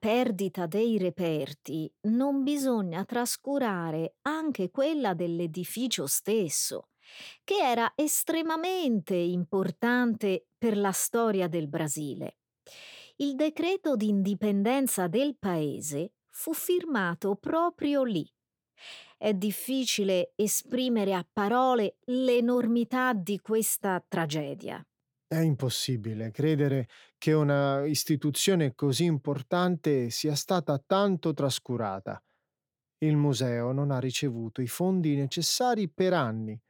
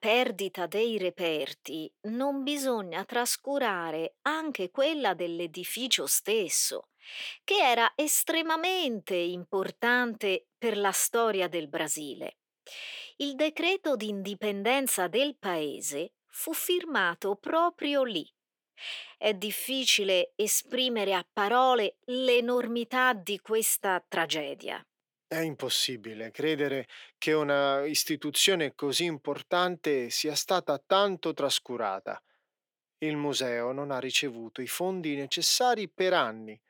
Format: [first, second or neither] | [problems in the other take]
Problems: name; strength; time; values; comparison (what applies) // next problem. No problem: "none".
first | thin; somewhat; fading below 400 Hz